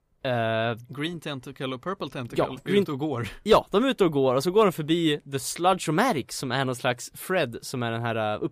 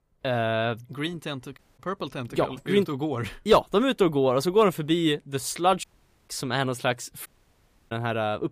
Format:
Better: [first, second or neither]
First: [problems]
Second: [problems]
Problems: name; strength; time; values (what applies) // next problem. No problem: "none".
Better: first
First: none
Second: audio cutting out; at 1.5 s, at 6 s and at 7.5 s for 0.5 s